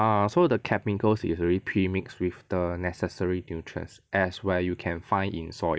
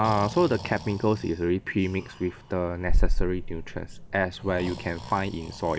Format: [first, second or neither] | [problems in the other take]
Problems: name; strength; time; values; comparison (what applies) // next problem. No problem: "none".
first | background sound (Breathing); 2 dB below the speech